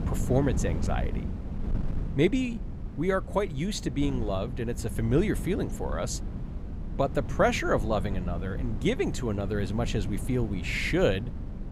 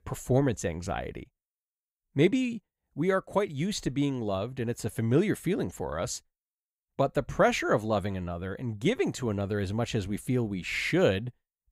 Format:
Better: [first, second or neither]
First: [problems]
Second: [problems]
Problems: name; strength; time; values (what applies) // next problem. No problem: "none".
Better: second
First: wind noise on the microphone; occasional gusts; 15 dB below the speech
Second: none